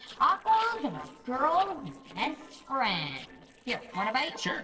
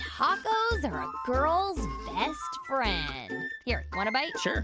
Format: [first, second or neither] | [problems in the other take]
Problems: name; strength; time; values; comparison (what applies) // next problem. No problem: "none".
second | noise reduction (neural separator model SepFormer DNS4)